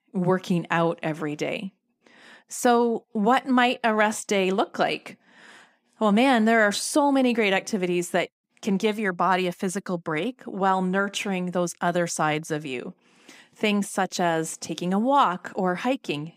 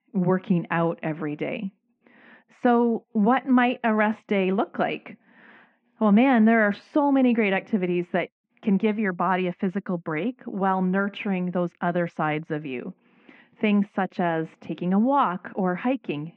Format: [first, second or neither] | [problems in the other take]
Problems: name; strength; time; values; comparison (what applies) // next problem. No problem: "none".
first | muffled; very; fading above 2.5 kHz